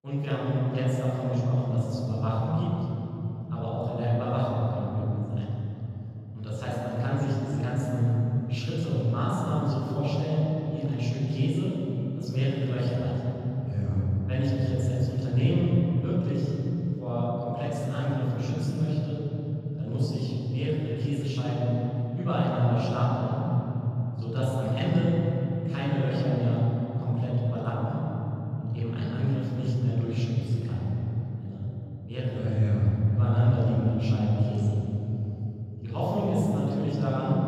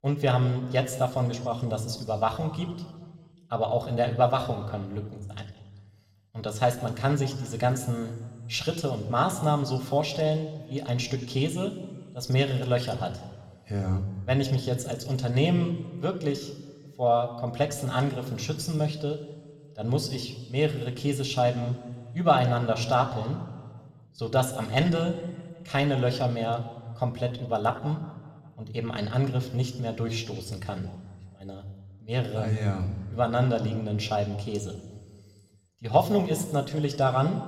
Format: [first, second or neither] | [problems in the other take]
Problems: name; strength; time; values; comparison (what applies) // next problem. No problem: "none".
second | room echo; strong; dies away in 3 s; slight in the second // off-mic speech; far